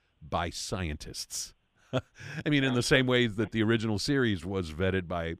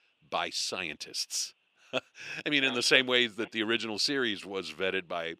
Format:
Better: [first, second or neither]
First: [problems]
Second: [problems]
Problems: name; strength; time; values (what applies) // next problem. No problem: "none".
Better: first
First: none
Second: thin; somewhat; fading below 350 Hz